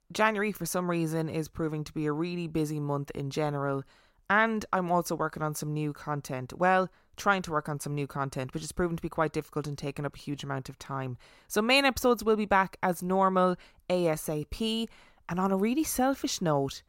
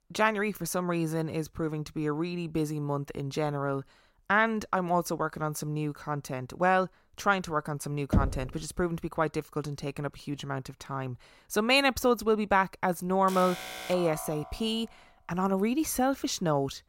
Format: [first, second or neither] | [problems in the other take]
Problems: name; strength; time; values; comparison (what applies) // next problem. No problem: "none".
first | door banging; loud; at 8 s; peak level with the speech // alarm; noticeable; from 13 to 15 s; peak 8 dB below the speech